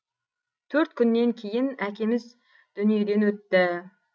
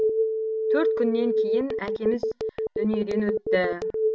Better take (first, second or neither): first